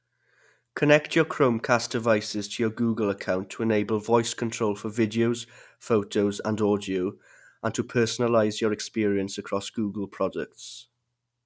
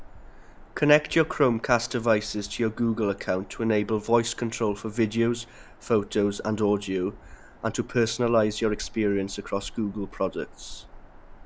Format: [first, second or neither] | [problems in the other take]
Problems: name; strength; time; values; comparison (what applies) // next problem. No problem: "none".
first | background sound (Bird vocalization, bird call, bird song); 19 dB below the speech